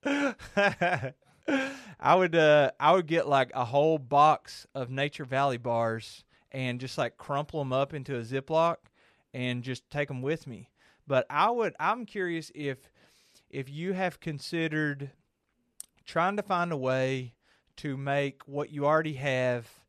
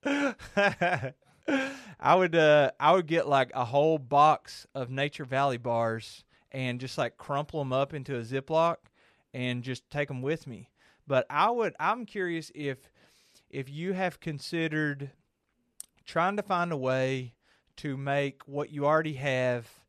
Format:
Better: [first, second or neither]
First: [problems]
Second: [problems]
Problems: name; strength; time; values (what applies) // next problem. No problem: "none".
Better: neither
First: none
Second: none